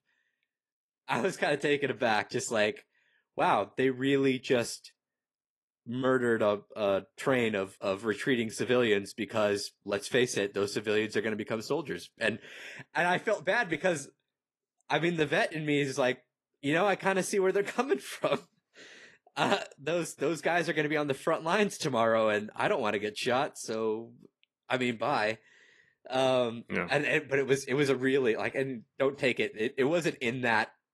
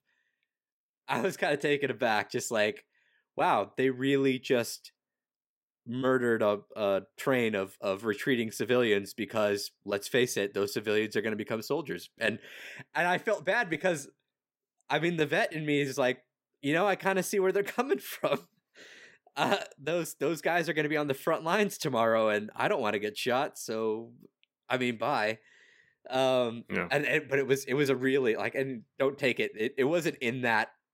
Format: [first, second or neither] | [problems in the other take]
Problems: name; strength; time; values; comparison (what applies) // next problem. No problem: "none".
second | garbled, watery; slightly; nothing above 11.5 kHz